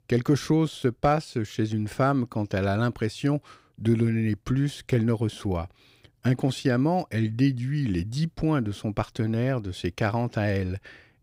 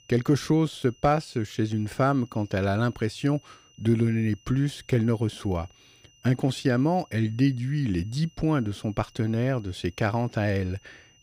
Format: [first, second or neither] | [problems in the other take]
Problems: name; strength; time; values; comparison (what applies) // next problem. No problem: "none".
first | high-pitched whine; faint; throughout; 3 kHz, 30 dB below the speech